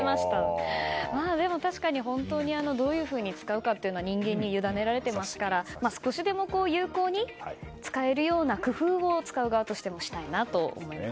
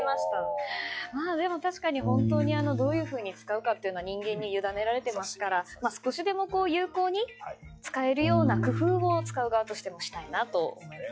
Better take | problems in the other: first | noise reduction (classical method log-MMSE)

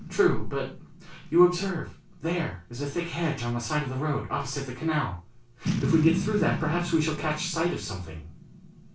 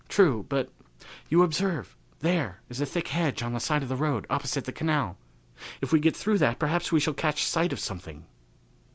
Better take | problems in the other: second | background sound (Boom); 8 dB below the speech // room echo; dies away in 0.3 s

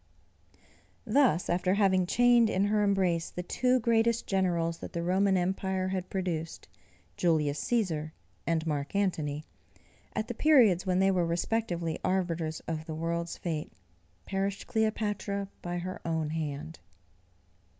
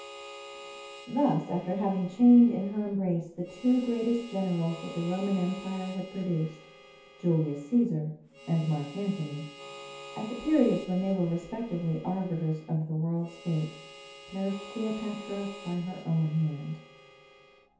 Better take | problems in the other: first | background sound (Harmonica); 18 dB below the speech // room echo; dies away in 0.6 s

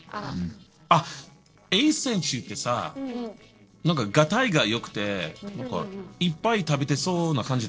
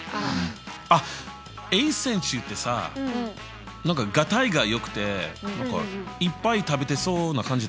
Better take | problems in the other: second | noise reduction (neural separator model SepFormer DNS4)

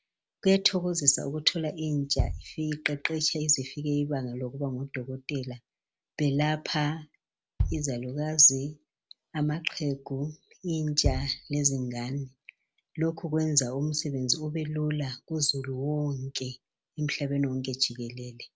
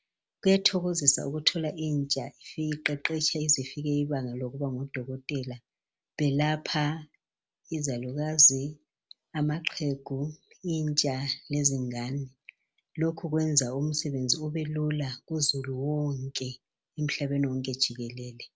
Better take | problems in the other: second | background sound (Bass drum); 7 dB below the speech

